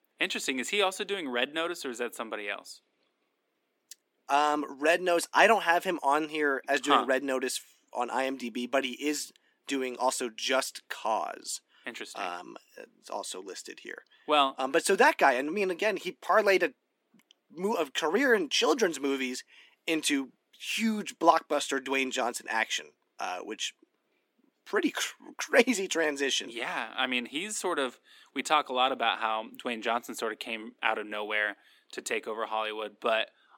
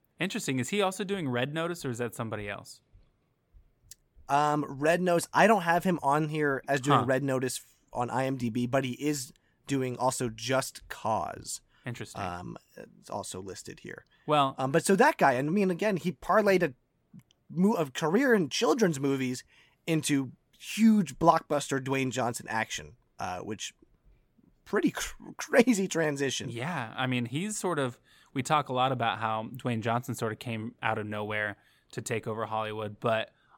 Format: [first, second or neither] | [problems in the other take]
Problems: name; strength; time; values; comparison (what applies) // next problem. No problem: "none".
second | thin; very slightly; fading below 250 Hz